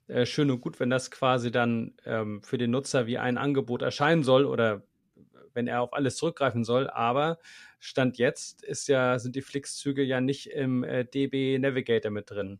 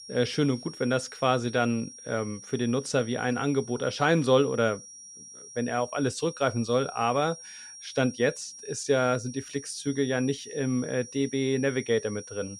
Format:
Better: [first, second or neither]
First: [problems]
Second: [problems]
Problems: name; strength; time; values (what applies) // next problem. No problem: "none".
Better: first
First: none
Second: high-pitched whine; noticeable; throughout; 5.5 kHz, 15 dB below the speech